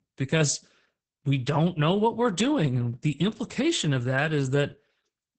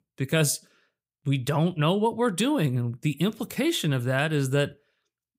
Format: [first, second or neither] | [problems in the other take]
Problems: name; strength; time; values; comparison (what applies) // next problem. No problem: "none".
second | garbled, watery; badly; nothing above 8 kHz